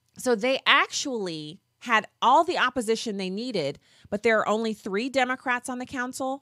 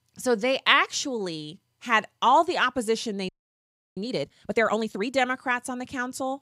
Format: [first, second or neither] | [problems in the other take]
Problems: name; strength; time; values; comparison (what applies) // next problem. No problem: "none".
first | audio freezing; at 3.5 s for 0.5 s